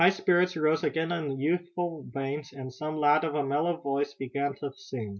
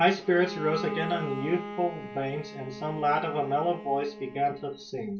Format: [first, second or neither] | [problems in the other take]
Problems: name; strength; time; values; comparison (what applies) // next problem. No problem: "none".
first | background sound (Bowed string instrument); 11 dB below the speech // room echo; dies away in 0.3 s